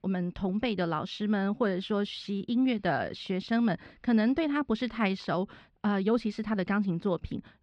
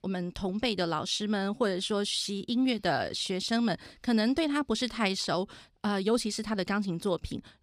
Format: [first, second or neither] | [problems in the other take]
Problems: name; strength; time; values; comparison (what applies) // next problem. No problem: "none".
second | muffled; slightly; fading above 2 kHz